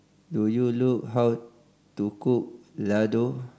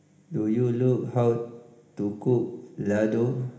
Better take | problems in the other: first | room echo; dies away in 1 s

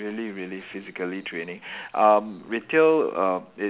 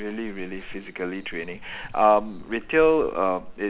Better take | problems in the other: first | background sound (Thunder / Wind / Bird vocalization, bird call, bird song); 14 dB below the speech

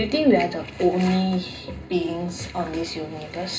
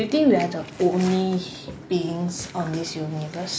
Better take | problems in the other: second | room echo; dies away in 0.2 s

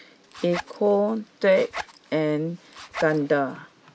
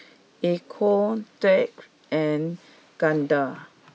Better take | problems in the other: second | background sound (Zipper (clothing)); 15 dB below the speech

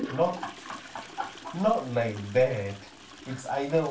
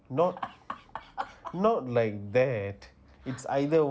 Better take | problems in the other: second | background sound (Toilet flush); 14 dB below the speech // room echo; dies away in 0.2 s

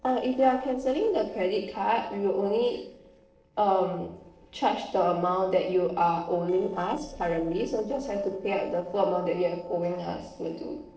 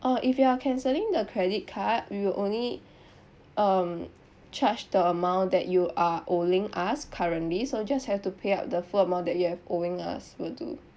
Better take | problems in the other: second | noise reduction (neural separator model SepFormer DNS4)

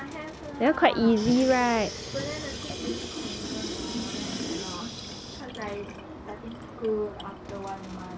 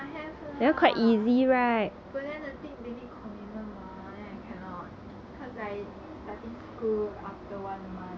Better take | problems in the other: second | background sound (Sink (filling or washing) / Water tap, faucet); 8 dB below the speech

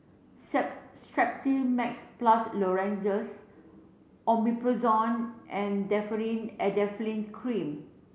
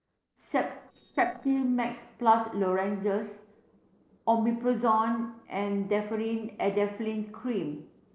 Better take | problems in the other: first | noise reduction (neural separator model SepFormer DNS4)

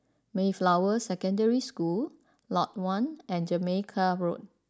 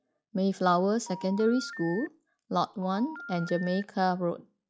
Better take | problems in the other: first | noise reduction (classical method log-MMSE)

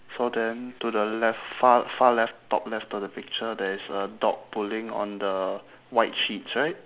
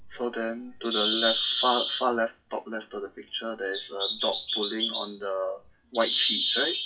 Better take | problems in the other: first | noise reduction (classical method WPE with log-MMSE)

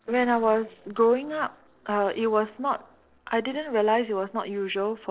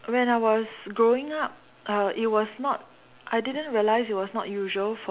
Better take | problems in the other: second | noise reduction (neural separator model SepFormer DNS4)

